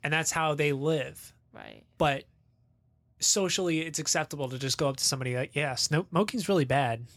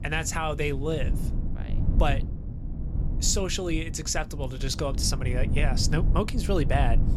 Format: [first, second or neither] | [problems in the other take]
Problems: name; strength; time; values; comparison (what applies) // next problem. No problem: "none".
first | low rumble; noticeable; throughout; 15 dB below the speech